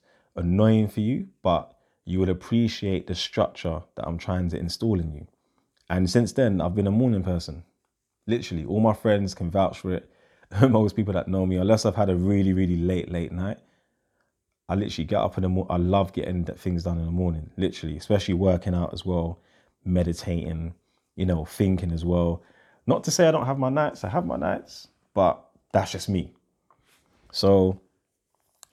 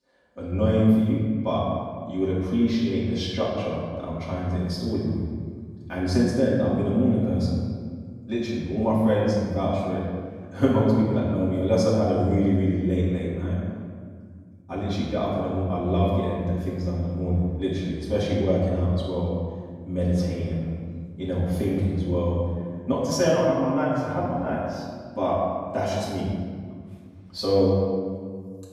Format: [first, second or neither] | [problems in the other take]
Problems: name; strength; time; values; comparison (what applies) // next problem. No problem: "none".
first | off-mic speech; far // room echo; noticeable; dies away in 1.7 s